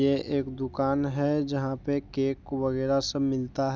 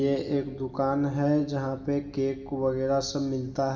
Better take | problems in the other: first | room echo; dies away in 1.2 s

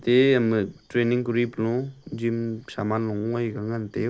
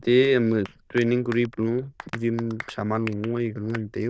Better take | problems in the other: first | noise reduction (neural diffusion model UNIVERSE++)

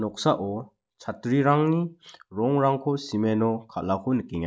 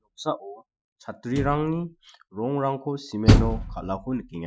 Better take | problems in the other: first | noise reduction (classical method Wiener filter)

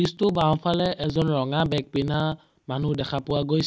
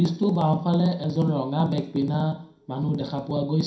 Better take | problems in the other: first | room echo; dies away in 0.5 s

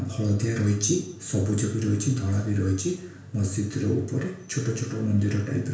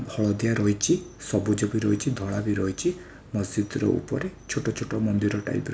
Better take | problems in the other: second | room echo; dies away in 0.5 s

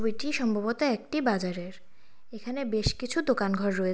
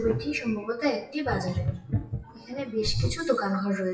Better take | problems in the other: first | noise reduction (classical method WPE with log-MMSE)

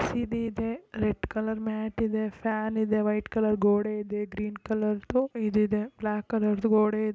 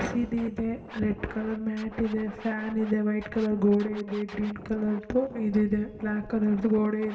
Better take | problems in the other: first | background sound (Scratching (performance technique)); 18 dB below the speech // room echo; dies away in 2.2 s

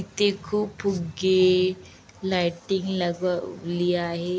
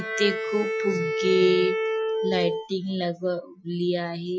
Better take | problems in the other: first | noise reduction (classical method Wiener filter)

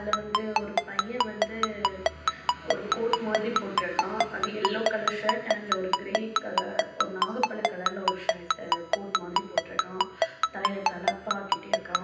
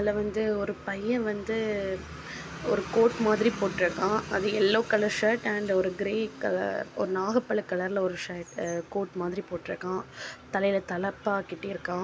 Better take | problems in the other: second | background sound (Ringtone); 4 dB above the speech // room echo; dies away in 0.9 s

